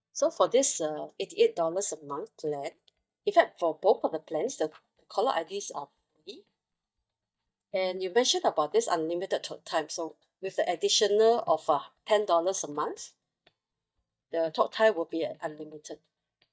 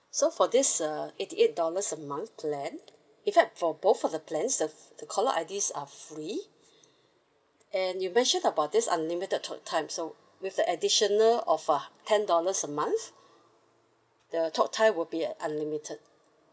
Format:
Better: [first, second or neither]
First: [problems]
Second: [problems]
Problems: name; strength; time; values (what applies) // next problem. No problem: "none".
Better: second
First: noise reduction (neural mask model DeepFilterNet 3)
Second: none